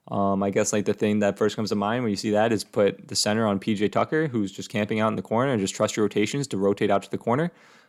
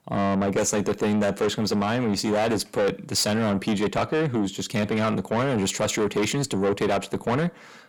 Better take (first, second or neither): first